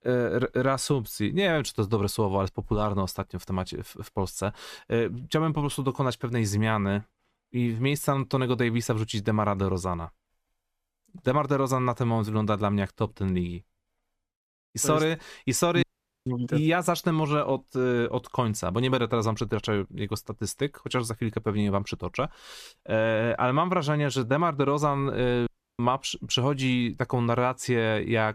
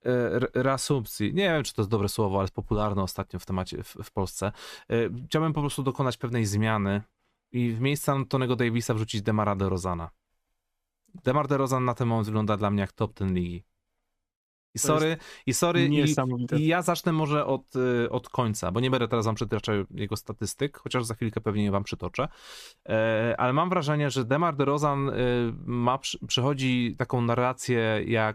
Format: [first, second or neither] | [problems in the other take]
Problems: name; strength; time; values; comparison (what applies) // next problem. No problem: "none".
second | audio cutting out; at 16 s and at 25 s